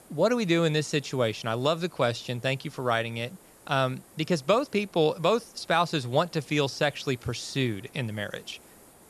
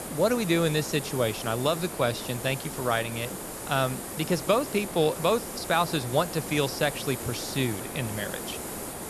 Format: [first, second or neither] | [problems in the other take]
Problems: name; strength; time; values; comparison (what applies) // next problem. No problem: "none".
first | hiss; loud; throughout; 7 dB below the speech; faint in the first